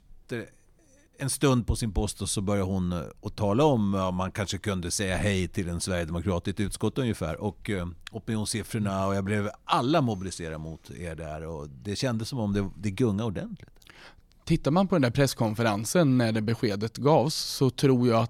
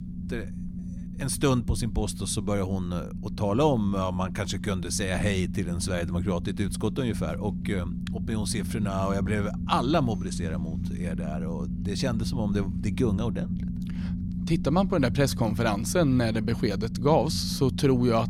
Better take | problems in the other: first | low rumble; noticeable; throughout; 10 dB below the speech

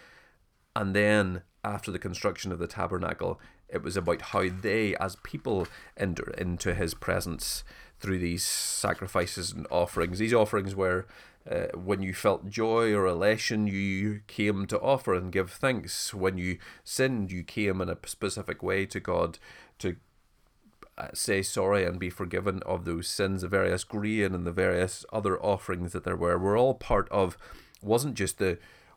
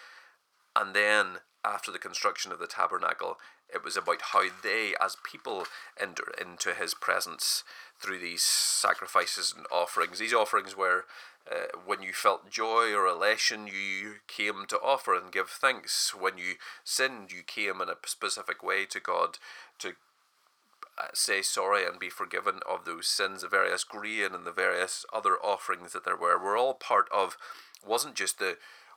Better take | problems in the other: first | thin; very; fading below 650 Hz

